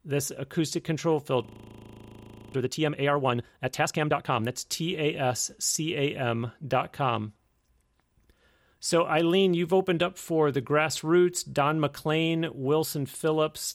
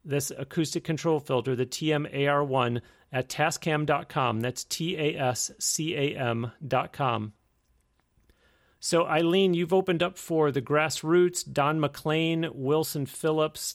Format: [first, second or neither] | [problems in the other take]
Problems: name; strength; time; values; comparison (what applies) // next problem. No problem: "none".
second | audio freezing; at 1.5 s for 1 s